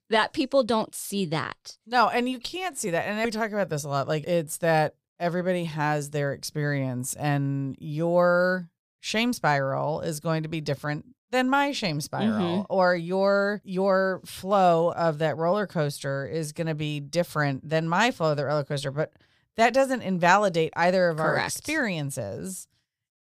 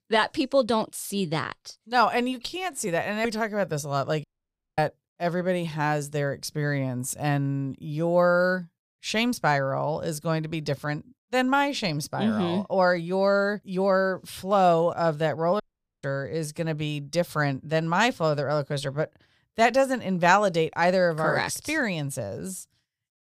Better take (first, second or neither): first